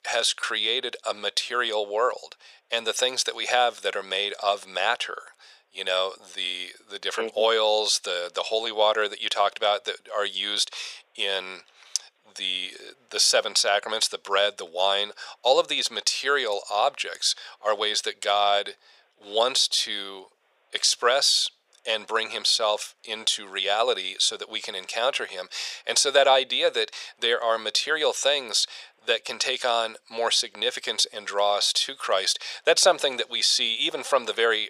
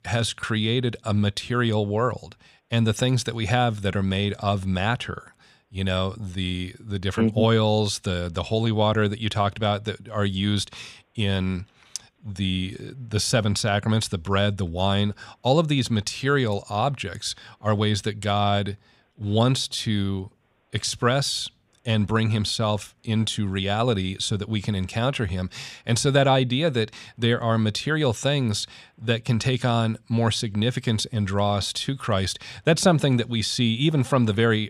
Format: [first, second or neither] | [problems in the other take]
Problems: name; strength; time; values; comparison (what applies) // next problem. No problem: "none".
second | thin; very; fading below 500 Hz